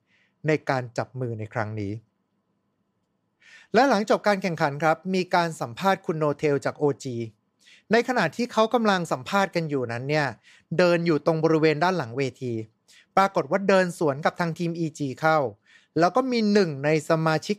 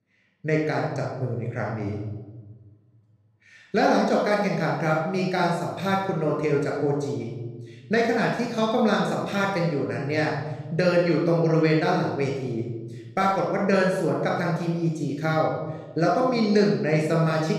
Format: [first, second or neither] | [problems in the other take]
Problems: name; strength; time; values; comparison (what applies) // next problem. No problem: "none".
first | off-mic speech; somewhat distant // room echo; noticeable; dies away in 1.2 s